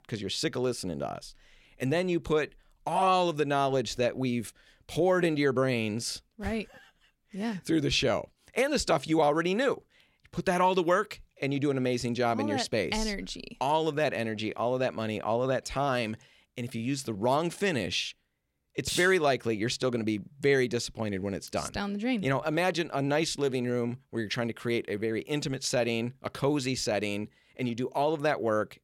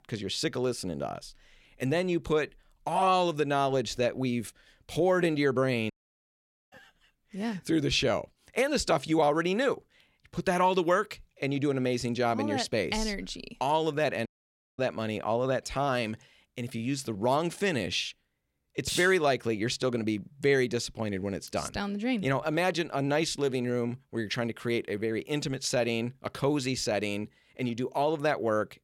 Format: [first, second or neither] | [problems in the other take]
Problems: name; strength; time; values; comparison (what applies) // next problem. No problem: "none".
first | audio cutting out; at 6 s for 1 s and at 14 s for 0.5 s